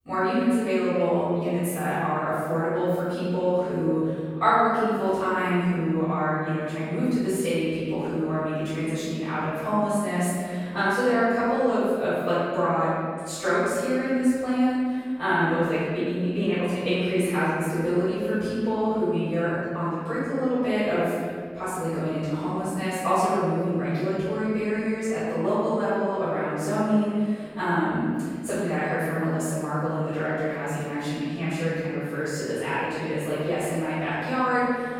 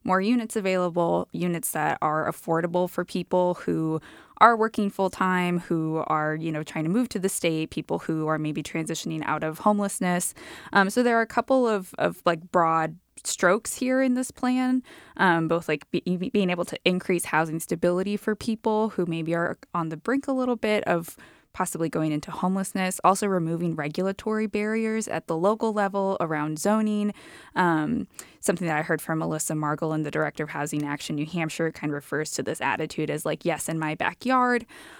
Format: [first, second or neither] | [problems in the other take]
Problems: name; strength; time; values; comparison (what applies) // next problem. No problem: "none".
second | room echo; strong; dies away in 2 s // off-mic speech; far